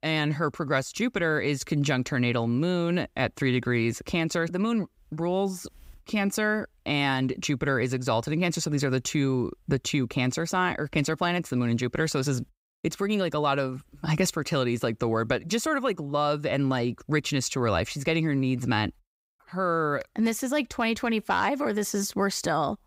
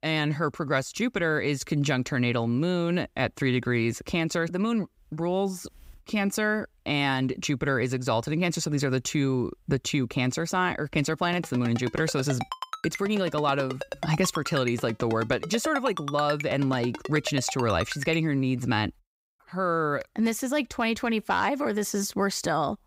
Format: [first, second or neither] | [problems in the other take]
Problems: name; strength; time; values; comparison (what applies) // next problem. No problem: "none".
first | phone ringing; noticeable; from 11 to 18 s; peak 8 dB below the speech